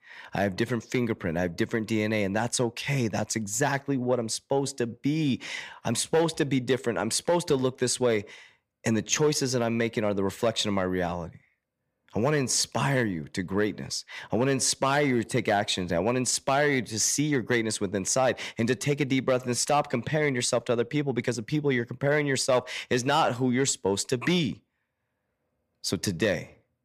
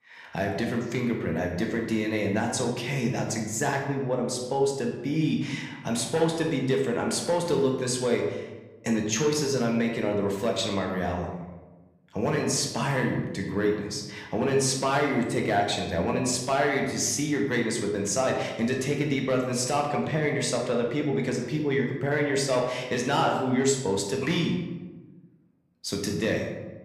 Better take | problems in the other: first | room echo; noticeable; dies away in 0.9 s // off-mic speech; somewhat distant

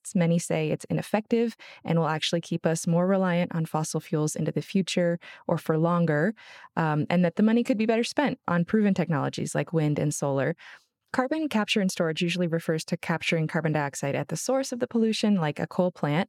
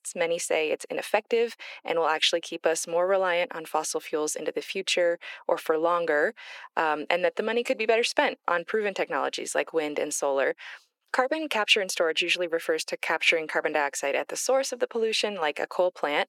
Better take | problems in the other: first | thin; very; fading below 400 Hz

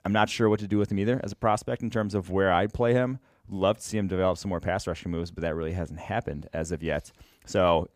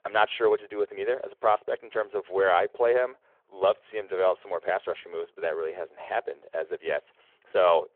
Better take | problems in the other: first | phone-call audio

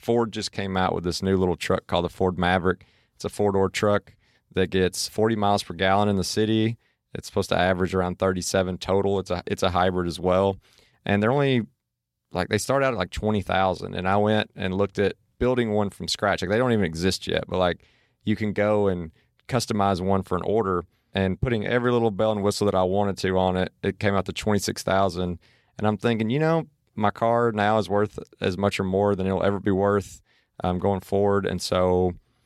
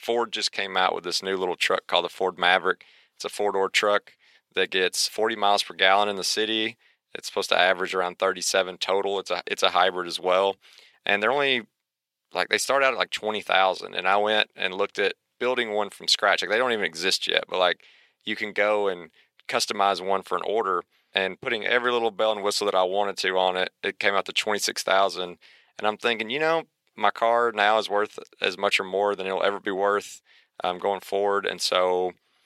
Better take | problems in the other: first | thin; very; fading below 500 Hz

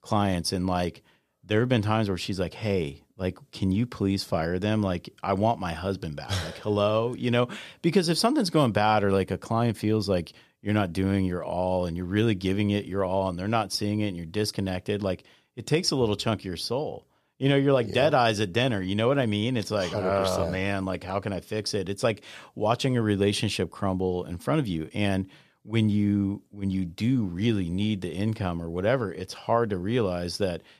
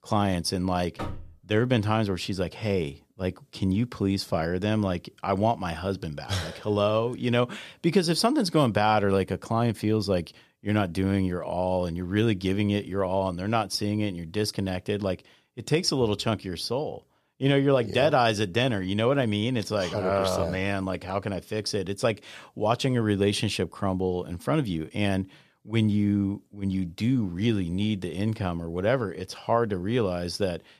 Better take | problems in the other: first | door banging; faint; at 1 s; peak 10 dB below the speech

